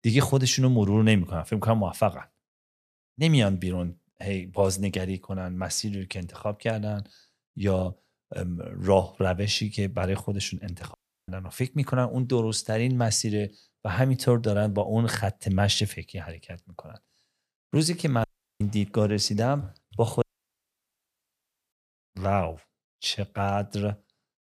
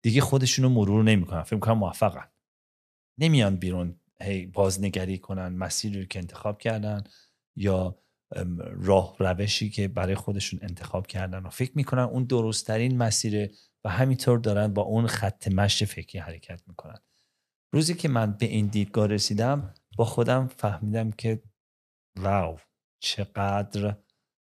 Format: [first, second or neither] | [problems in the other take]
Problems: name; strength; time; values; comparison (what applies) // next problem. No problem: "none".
second | audio cutting out; at 11 s, at 18 s and at 20 s for 1.5 s